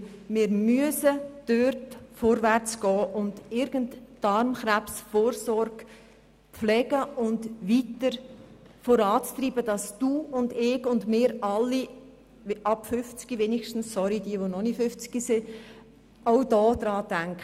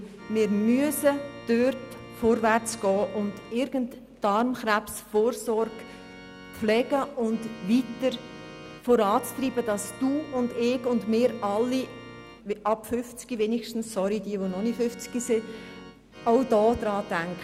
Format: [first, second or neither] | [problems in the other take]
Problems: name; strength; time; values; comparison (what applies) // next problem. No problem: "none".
first | background sound (Organ); 19 dB below the speech